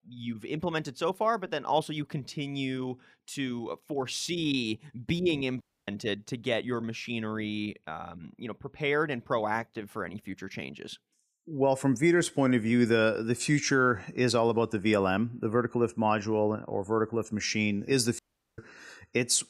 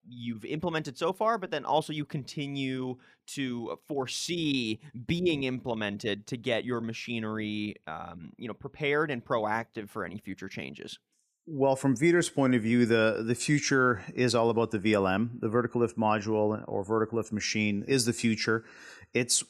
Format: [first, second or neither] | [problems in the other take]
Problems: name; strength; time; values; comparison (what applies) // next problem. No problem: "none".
second | audio cutting out; at 5.5 s and at 18 s